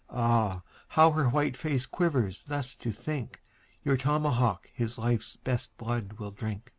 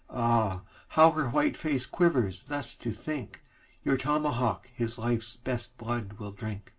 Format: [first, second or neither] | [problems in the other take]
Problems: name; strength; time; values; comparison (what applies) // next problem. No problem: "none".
first | room echo; dies away in 0.2 s